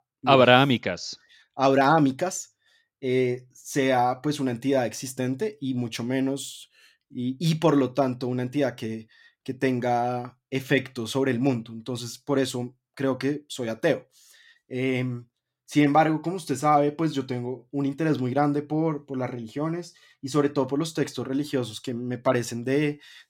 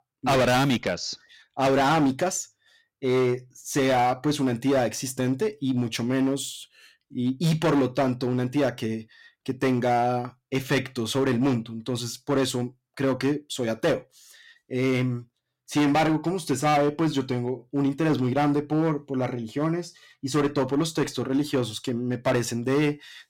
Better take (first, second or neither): first